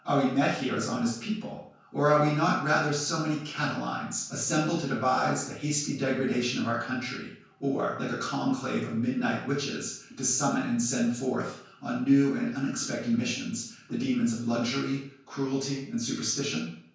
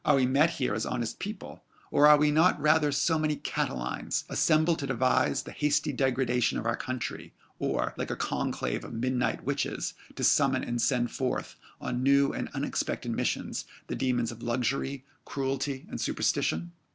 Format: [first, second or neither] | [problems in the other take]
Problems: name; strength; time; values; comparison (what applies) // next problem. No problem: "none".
second | room echo; dies away in 0.5 s